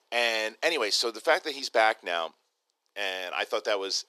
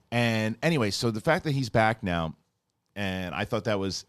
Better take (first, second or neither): second